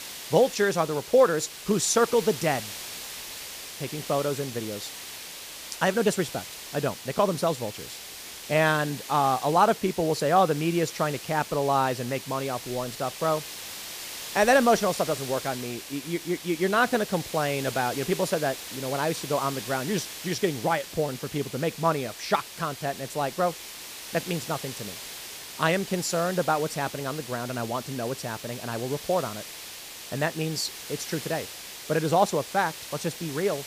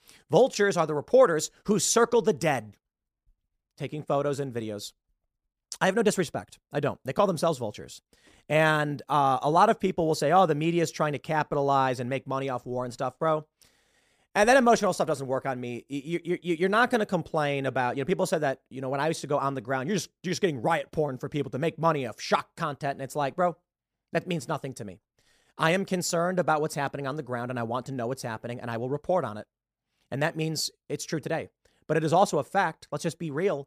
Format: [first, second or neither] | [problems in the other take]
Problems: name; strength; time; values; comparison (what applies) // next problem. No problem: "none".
second | hiss; noticeable; throughout; 10 dB below the speech